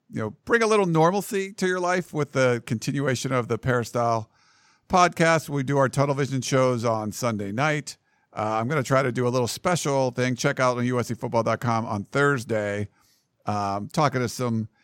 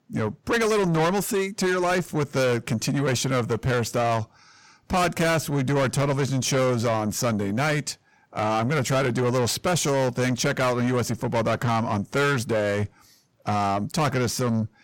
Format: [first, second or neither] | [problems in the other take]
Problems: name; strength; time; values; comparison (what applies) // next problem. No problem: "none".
first | distortion; heavy; 7 dB below the speech